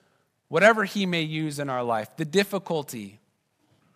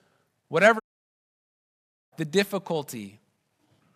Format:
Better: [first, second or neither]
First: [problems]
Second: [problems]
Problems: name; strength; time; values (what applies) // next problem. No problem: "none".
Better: first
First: none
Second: audio cutting out; at 1 s for 1.5 s